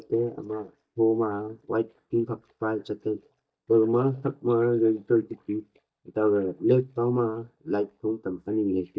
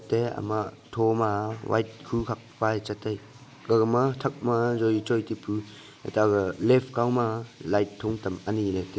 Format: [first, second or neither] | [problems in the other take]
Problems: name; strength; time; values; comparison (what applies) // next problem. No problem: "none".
second | noise reduction (neural mask model DeepFilterNet 3)